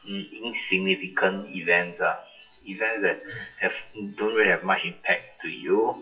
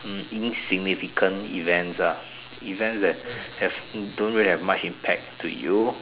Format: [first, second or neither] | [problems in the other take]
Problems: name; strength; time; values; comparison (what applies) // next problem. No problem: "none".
second | noise reduction (classical method WPE with log-MMSE)